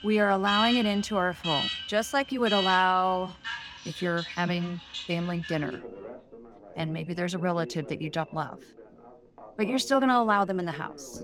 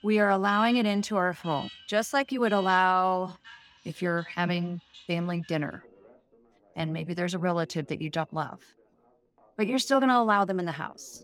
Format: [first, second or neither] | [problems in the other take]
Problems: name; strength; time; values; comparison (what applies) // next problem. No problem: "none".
second | alarms or sirens; loud; throughout; 7 dB below the speech; faint in the second